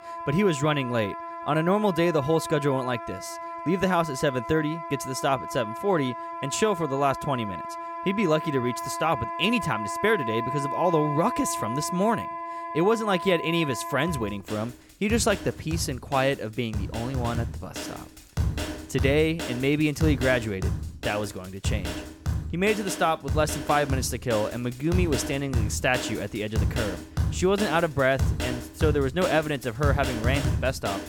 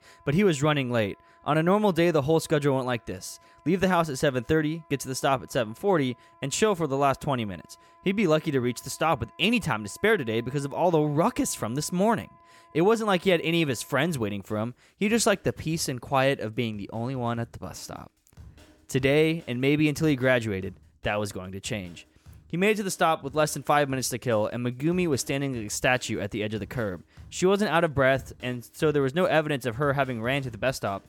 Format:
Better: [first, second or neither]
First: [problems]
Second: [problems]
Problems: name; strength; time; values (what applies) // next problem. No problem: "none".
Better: second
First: background music; loud; throughout; 6 dB below the speech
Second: background music; faint; throughout; 30 dB below the speech